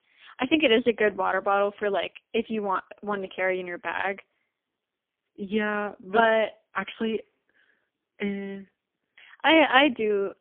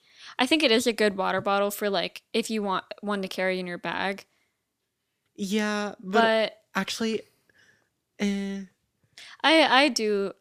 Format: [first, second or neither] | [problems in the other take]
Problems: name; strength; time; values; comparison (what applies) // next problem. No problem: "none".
second | phone-call audio; poor line; nothing above 3.5 kHz